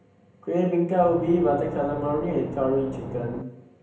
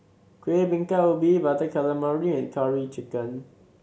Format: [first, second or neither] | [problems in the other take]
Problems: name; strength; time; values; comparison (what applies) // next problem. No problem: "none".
second | background sound (Engine / Boat, Water vehicle); 10 dB below the speech // room echo; dies away in 0.8 s